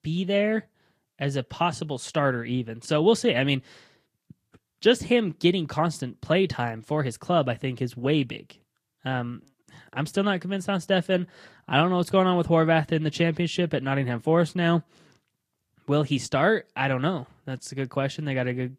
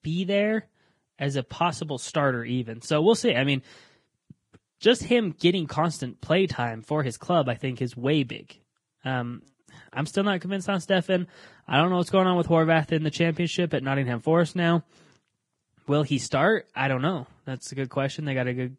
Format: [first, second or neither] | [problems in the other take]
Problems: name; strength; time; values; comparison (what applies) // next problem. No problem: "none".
first | garbled, watery; badly; nothing above 10.5 kHz; slightly in the first